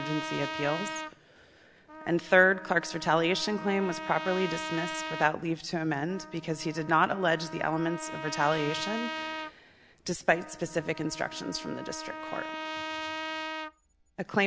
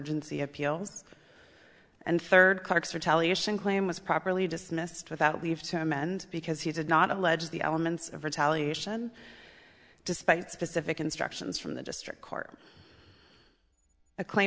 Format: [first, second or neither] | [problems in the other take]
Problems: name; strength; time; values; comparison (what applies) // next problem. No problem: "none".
second | background sound (Trumpet); 9 dB below the speech